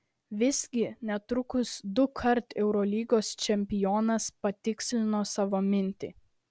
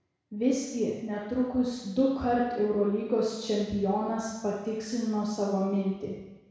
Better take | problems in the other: first | room echo; dies away in 1.1 s

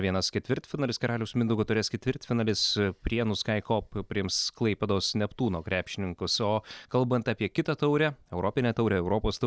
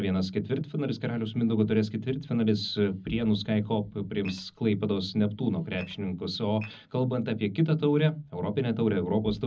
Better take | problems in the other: first | background sound (Dishes, pots, and pans / Glass); 19 dB below the speech // room echo; dies away in 0.4 s

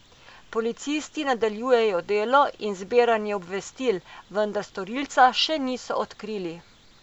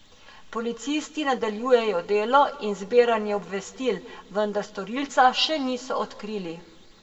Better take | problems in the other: first | room echo; dies away in 1 s

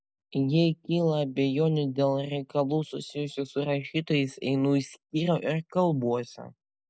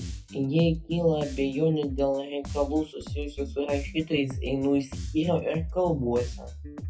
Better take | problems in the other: first | noise reduction (classical method WPE with log-MMSE)

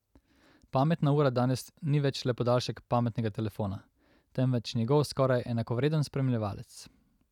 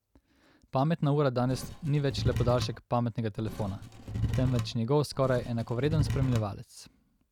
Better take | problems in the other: first | background sound (Wood / Tools); 4 dB below the speech

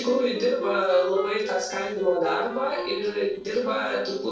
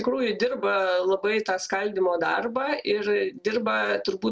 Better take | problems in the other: second | noise reduction (neural separator model SepFormer DNS4)

